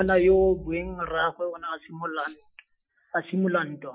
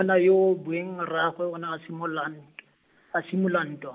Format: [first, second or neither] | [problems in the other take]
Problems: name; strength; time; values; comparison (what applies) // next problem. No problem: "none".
second | noise reduction (classical method Wiener filter)